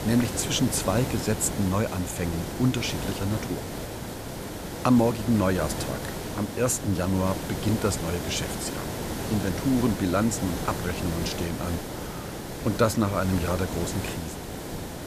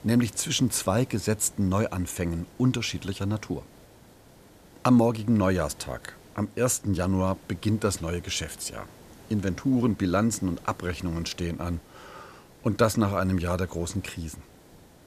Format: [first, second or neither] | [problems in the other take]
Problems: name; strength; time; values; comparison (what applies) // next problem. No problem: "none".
second | hiss; loud; throughout; 6 dB below the speech; faint in the second